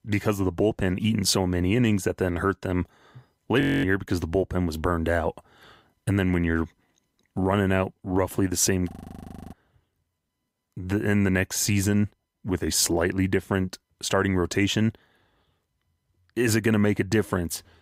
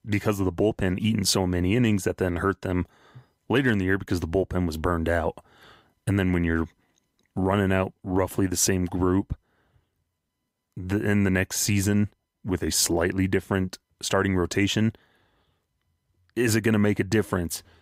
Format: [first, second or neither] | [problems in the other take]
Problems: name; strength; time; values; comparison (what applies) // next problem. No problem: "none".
second | audio freezing; at 3.5 s and at 9 s for 0.5 s